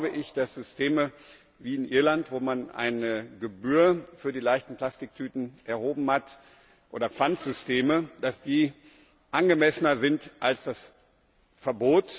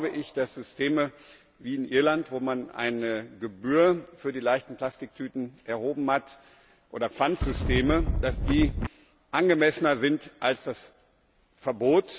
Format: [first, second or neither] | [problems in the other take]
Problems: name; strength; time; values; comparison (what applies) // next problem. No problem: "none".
first | background sound (Wind); as loud as the speech